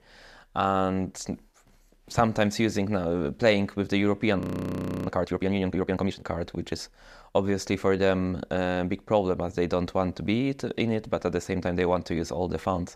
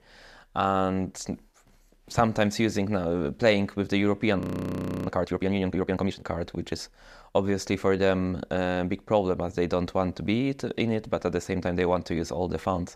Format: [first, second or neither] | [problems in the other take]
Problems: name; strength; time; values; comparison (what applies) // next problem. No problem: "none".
neither | audio freezing; at 4.5 s for 0.5 s; the same in both